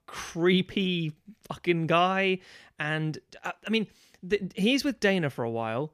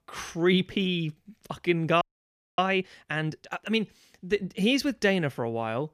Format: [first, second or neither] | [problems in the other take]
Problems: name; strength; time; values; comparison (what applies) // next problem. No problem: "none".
first | audio freezing; at 2 s for 0.5 s